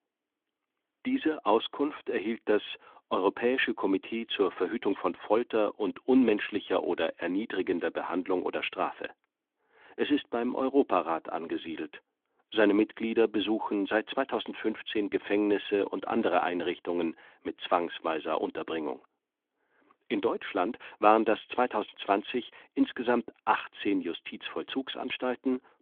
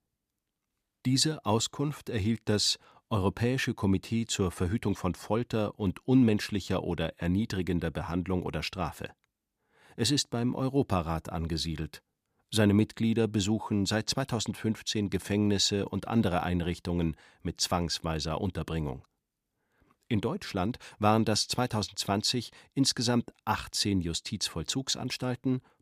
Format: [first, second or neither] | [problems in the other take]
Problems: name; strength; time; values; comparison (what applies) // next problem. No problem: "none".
second | phone-call audio; nothing above 3.5 kHz